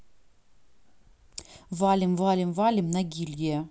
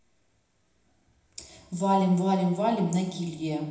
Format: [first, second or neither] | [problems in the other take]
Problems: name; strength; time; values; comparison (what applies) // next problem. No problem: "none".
first | room echo; dies away in 0.9 s